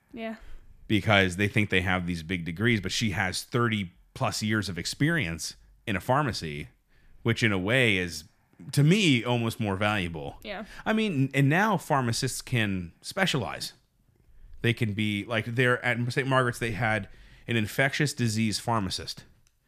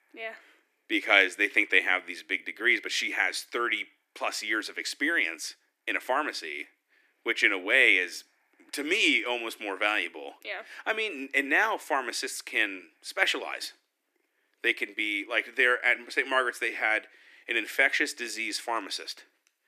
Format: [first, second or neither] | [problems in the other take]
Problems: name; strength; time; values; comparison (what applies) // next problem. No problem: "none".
first | thin; very; fading below 300 Hz